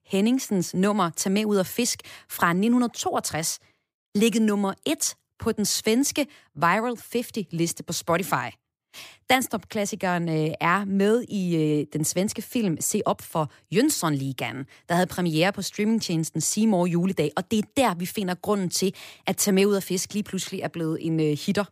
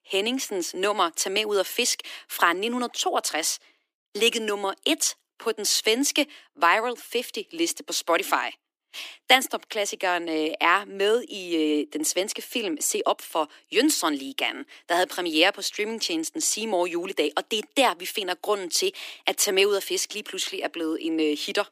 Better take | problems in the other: first | thin; somewhat; fading below 300 Hz

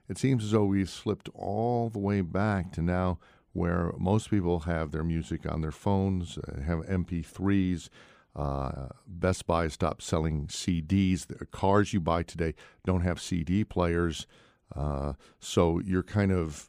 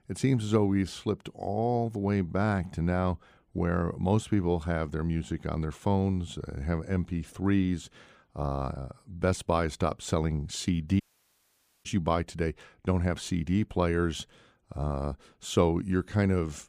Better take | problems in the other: first | audio cutting out; at 11 s for 1 s

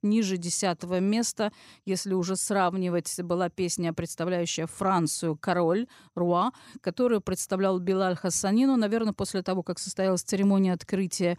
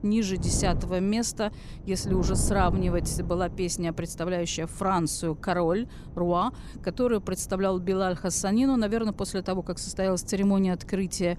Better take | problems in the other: first | wind noise on the microphone; occasional gusts; 15 dB below the speech

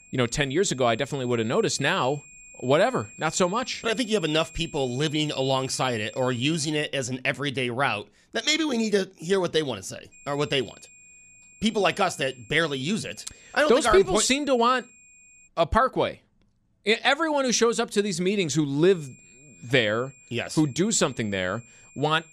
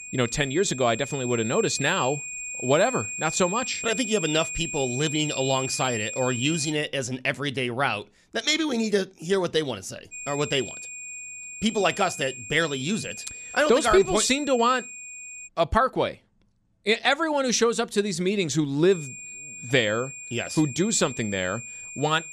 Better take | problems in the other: first | high-pitched whine; loud; until 6.5 s, from 10 to 15 s and from 19 s on; 2.5 kHz, 9 dB below the speech; faint in the first

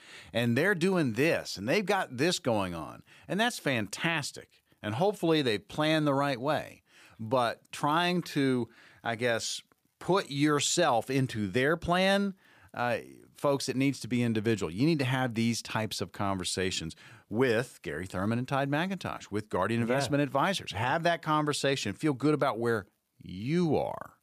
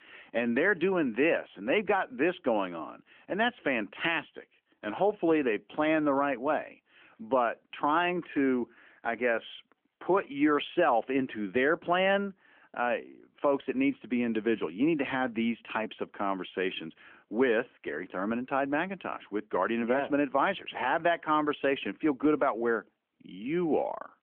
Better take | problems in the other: first | phone-call audio; nothing above 3.5 kHz

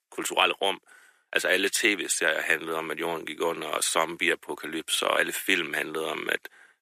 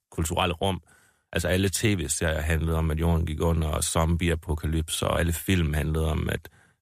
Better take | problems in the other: second | thin; very; fading below 300 Hz

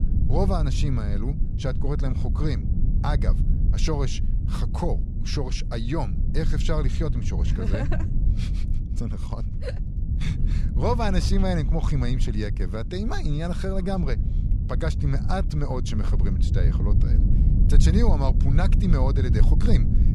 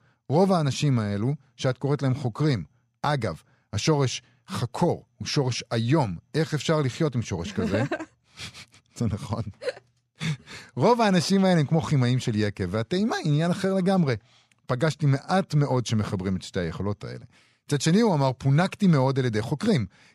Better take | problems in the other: second | low rumble; loud; throughout; 8 dB below the speech

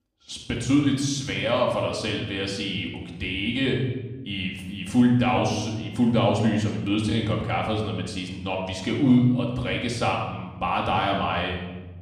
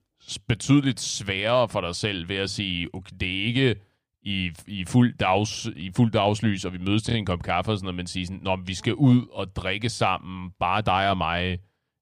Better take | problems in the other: second | room echo; noticeable; dies away in 1 s // off-mic speech; far

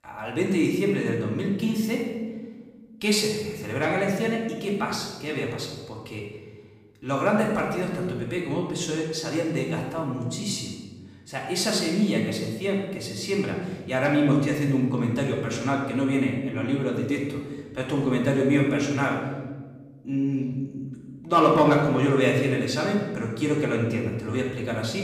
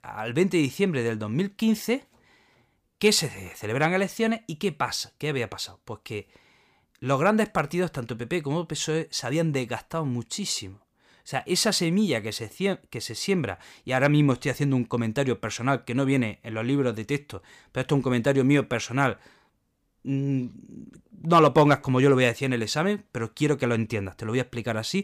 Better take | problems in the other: second | room echo; noticeable; dies away in 1.2 s // off-mic speech; far

